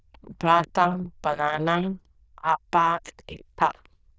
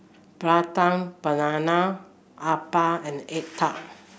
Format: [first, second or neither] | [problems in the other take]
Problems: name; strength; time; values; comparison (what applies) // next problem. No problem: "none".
second | noise reduction (neural diffusion model UNIVERSE++)